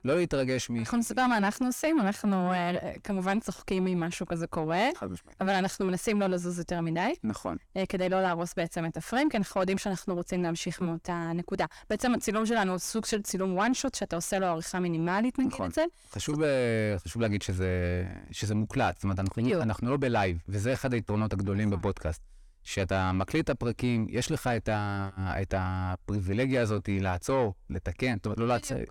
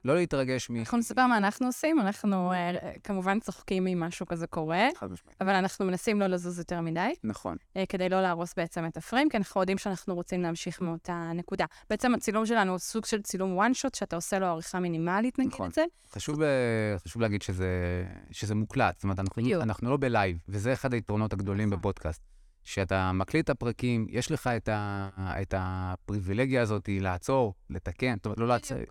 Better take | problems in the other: second | distortion; slight; 10 dB below the speech

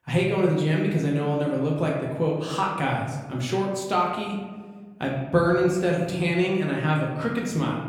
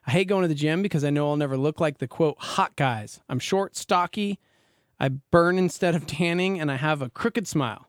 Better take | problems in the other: second | room echo; noticeable; dies away in 1.2 s // off-mic speech; somewhat distant

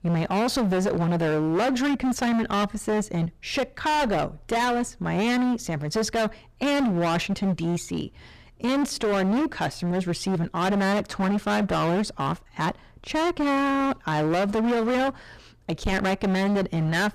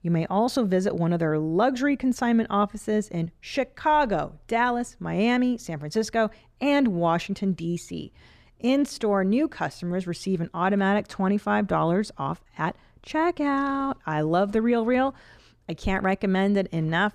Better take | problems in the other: second | distortion; heavy; 28% of the sound clipped

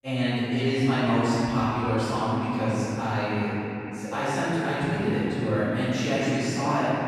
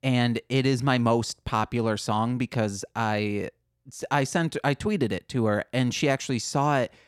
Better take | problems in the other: second | off-mic speech; far // room echo; strong; dies away in 3 s

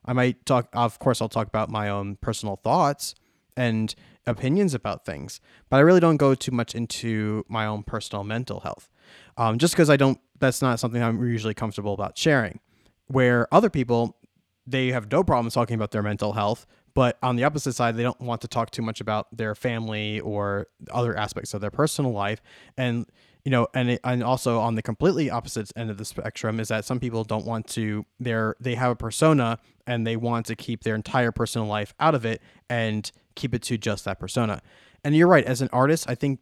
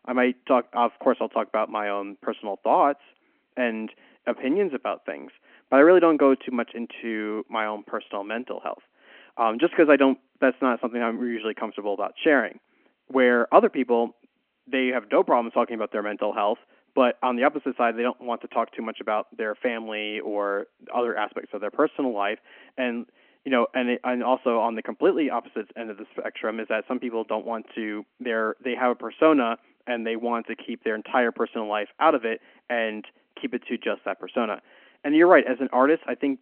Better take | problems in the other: first | phone-call audio

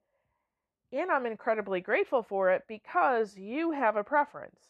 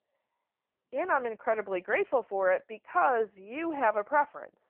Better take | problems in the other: first | phone-call audio; poor line

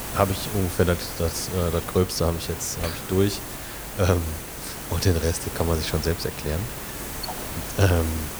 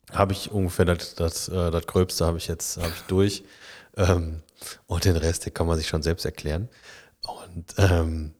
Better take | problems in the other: second | hiss; loud; throughout; 7 dB below the speech

